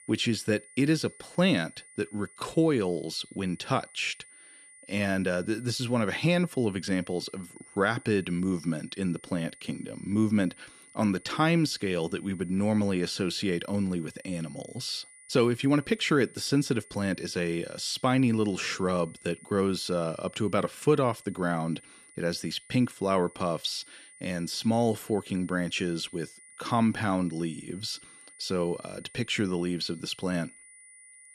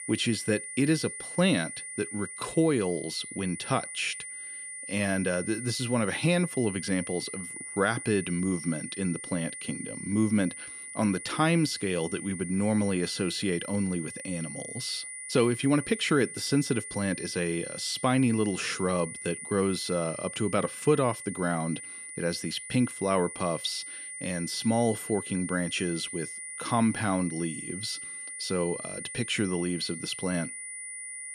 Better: first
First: high-pitched whine; faint; throughout; 9.5 kHz, 20 dB below the speech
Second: high-pitched whine; loud; throughout; 9.5 kHz, 8 dB below the speech

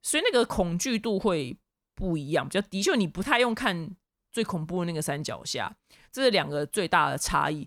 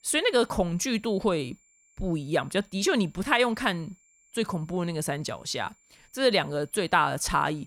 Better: first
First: none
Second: high-pitched whine; faint; throughout; 7 kHz, 35 dB below the speech

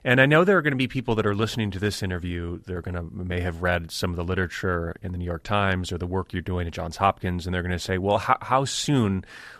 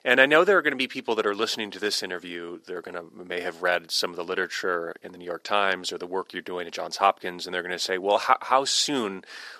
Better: first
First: none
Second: thin; somewhat; fading below 350 Hz

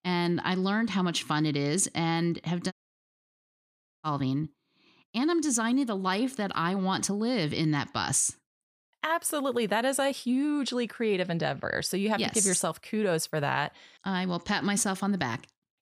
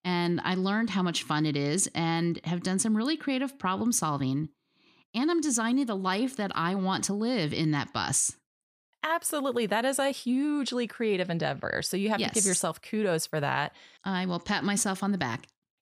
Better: second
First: audio cutting out; at 2.5 s for 1.5 s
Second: none

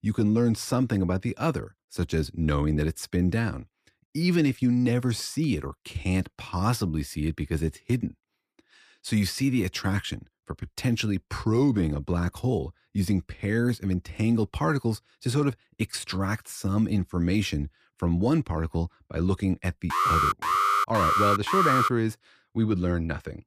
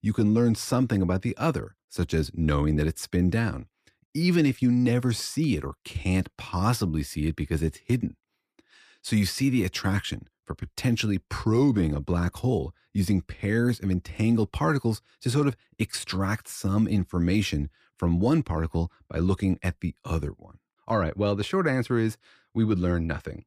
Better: second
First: alarm; loud; from 20 to 22 s; peak 5 dB above the speech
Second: none

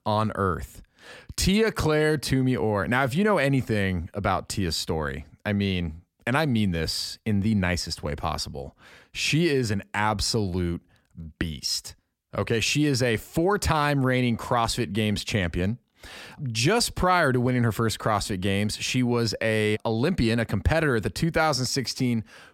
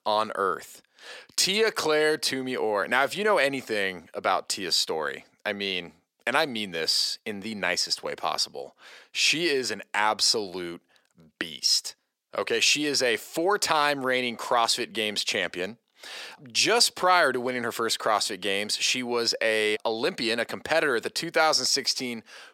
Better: first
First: none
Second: thin; somewhat; fading below 450 Hz

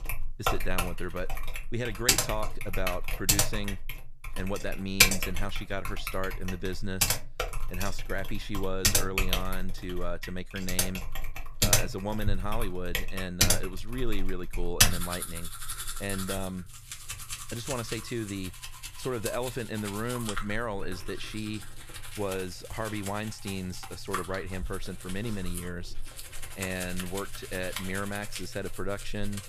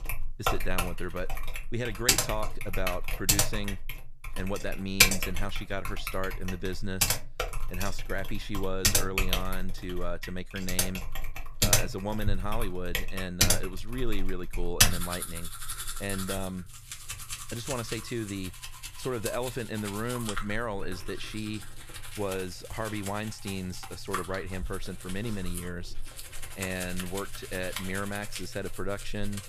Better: neither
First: household noises; very loud; throughout; 5 dB above the speech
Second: household noises; very loud; throughout; 5 dB above the speech

